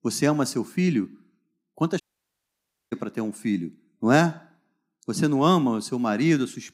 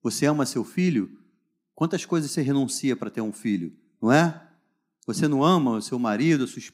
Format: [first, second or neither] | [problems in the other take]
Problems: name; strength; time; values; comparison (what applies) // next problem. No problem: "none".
second | audio cutting out; at 2 s for 1 s